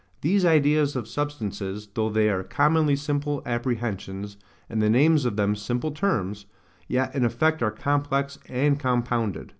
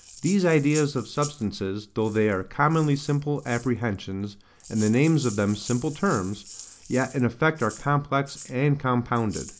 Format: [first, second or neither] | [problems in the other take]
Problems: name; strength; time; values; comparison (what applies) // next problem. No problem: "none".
first | background sound (Rattle (instrument)); 19 dB below the speech